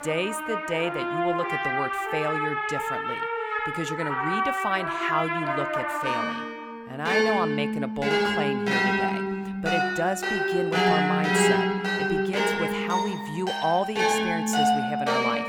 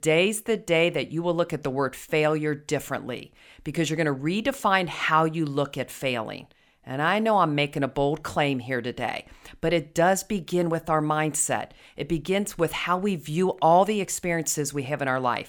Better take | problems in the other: second | background music; very loud; throughout; 5 dB above the speech

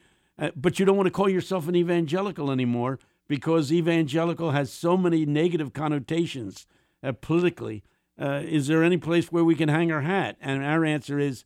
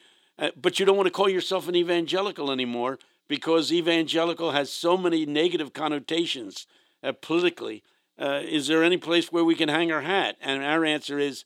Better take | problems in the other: first | thin; somewhat; fading below 400 Hz

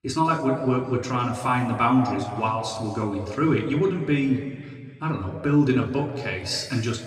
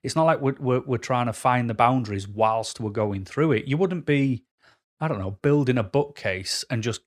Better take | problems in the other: second | room echo; noticeable; dies away in 2 s // off-mic speech; somewhat distant

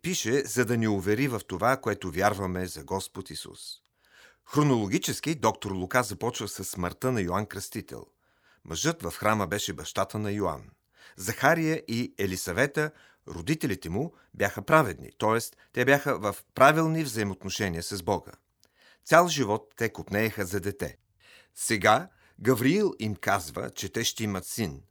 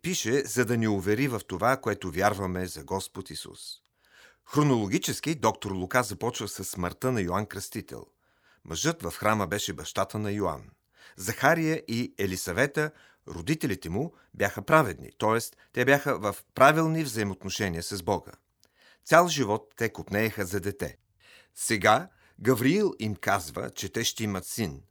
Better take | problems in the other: neither | none

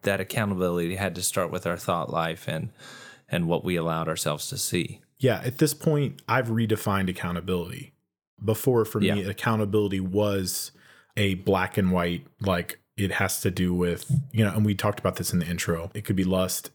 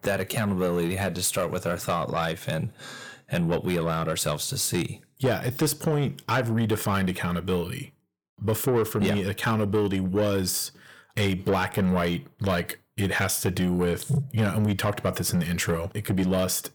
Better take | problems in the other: first | distortion; slight; 10 dB below the speech

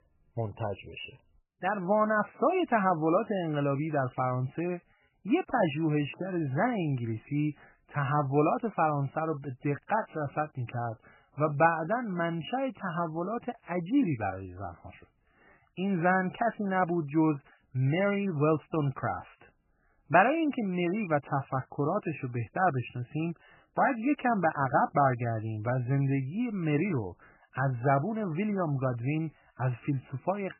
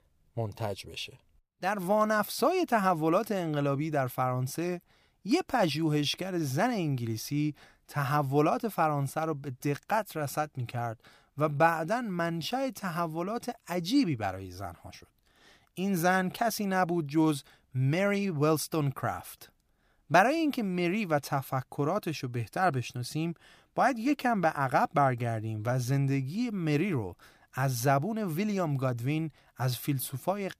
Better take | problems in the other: second | garbled, watery; badly; nothing above 3 kHz

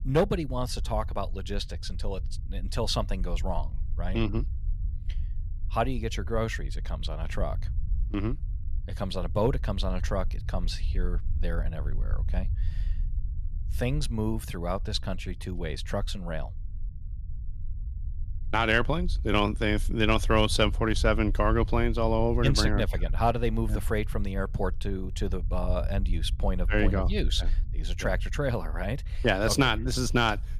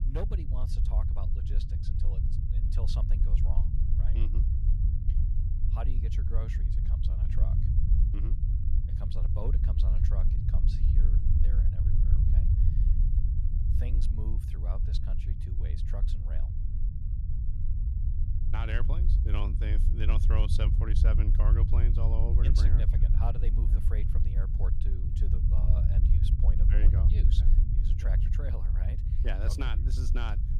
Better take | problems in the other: first | low rumble; loud; throughout; 2 dB below the speech; faint in the first

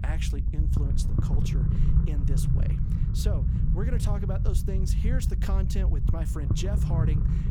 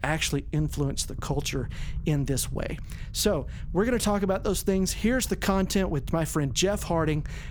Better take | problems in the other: second | low rumble; loud; throughout; as loud as the speech; faint in the second

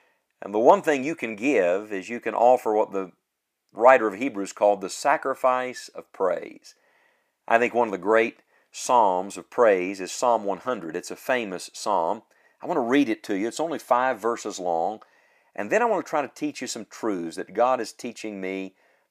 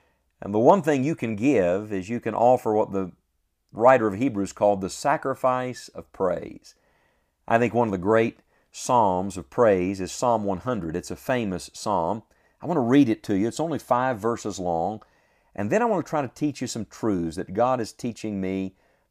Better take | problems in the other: second | thin; very slightly; fading below 350 Hz

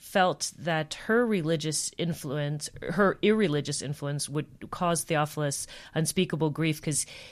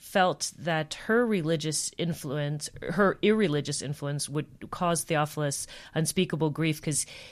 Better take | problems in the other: neither | none

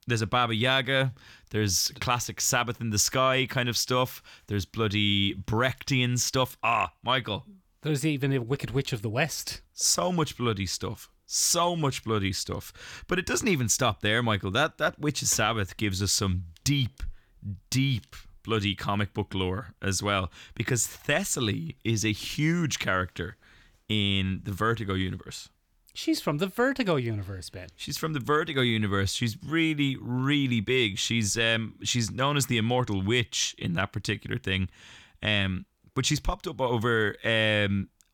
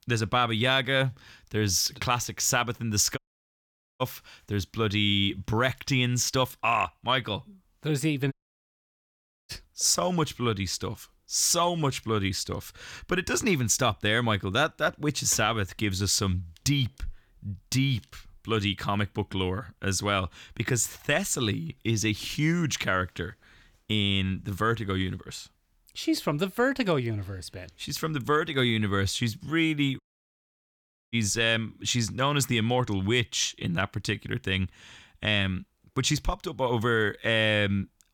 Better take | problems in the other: first | audio cutting out; at 3 s for 1 s, at 8.5 s for 1 s and at 30 s for 1 s

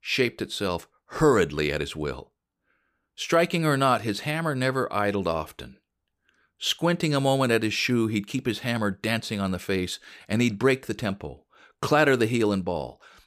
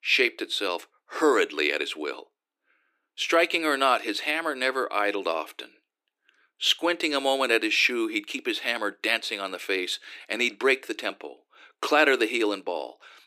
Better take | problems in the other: first | thin; somewhat; fading below 300 Hz

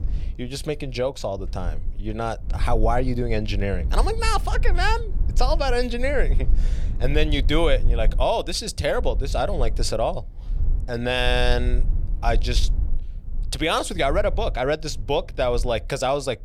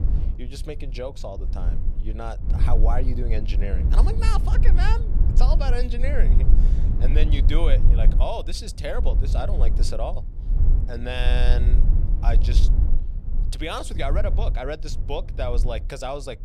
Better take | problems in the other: first | low rumble; loud; throughout; 10 dB below the speech; faint in the first

